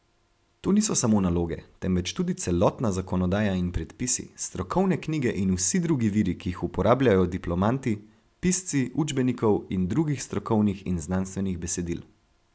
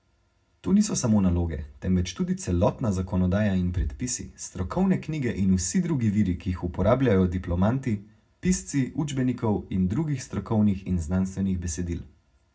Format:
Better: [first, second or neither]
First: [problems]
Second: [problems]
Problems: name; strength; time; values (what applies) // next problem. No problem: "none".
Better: first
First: none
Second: room echo; dies away in 0.4 s